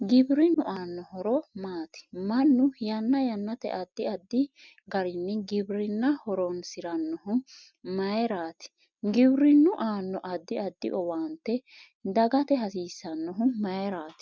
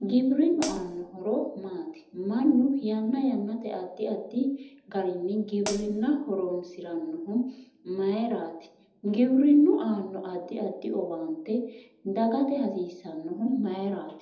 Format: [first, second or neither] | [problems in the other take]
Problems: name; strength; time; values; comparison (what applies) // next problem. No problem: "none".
first | background sound (Hi-hat); 9 dB below the speech // room echo; dies away in 0.8 s